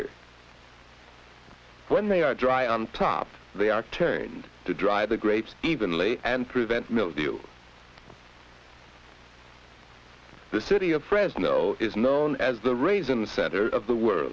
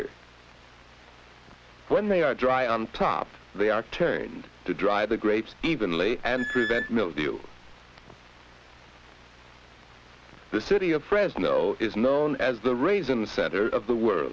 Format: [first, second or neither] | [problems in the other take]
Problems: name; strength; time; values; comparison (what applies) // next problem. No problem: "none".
first | background sound (Squeak / Screech); 9 dB below the speech